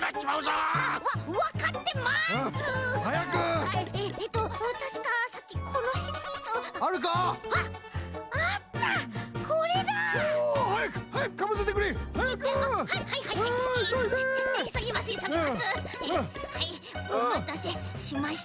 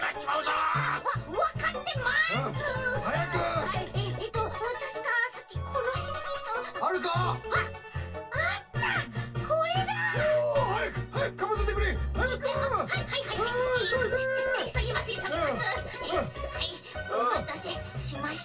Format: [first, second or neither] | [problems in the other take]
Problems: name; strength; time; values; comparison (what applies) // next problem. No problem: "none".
first | room echo; dies away in 0.1 s